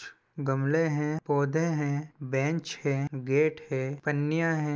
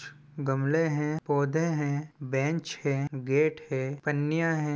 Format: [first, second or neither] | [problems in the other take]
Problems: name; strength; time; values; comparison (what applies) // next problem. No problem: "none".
second | noise reduction (neural mask model Resemble Enhance denoiser)